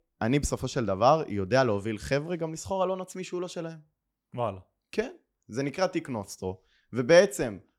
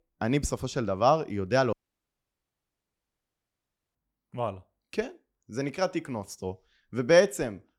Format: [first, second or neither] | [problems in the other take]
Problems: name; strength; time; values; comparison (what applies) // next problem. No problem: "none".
first | audio cutting out; at 1.5 s for 2 s